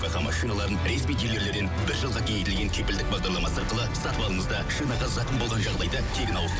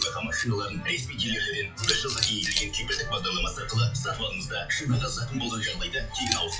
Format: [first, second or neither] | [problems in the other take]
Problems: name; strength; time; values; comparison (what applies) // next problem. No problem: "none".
first | noise reduction (classical method WPE with log-MMSE)